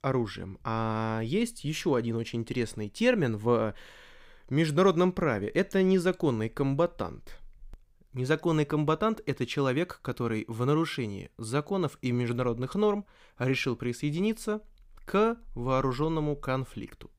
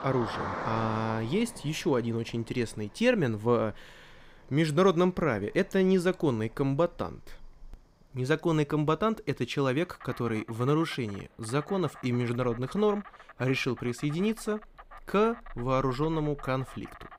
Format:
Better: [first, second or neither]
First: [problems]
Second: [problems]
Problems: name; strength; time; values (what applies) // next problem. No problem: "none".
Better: first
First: none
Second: animal sounds; noticeable; throughout; 15 dB below the speech